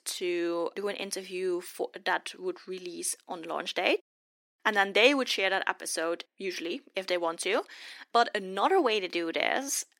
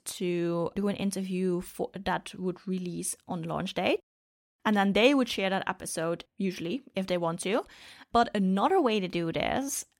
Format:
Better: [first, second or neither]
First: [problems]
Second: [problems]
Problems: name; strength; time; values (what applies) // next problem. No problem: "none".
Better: second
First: thin; somewhat; fading below 350 Hz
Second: none